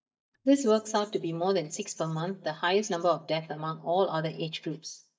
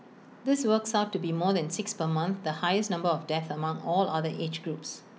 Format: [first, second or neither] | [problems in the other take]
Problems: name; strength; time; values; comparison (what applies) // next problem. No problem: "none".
second | noise reduction (neural mask model DeepFilterNet 3)